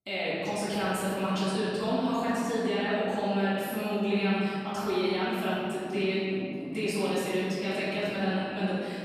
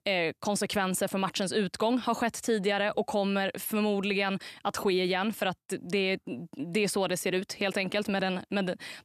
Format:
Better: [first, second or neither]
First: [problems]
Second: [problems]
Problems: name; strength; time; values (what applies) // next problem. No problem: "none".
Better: second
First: off-mic speech; far // room echo; strong; dies away in 2.7 s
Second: none